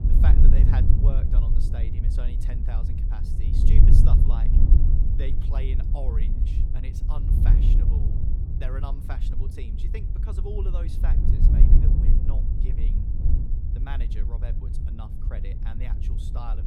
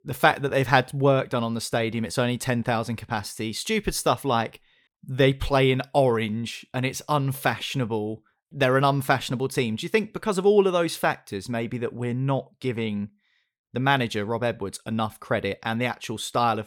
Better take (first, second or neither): second